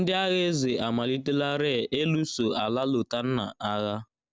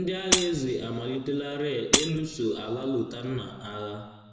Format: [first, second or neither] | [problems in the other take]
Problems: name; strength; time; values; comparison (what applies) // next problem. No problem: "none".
first | background sound (Shatter); 1 dB below the speech // room echo; dies away in 1.1 s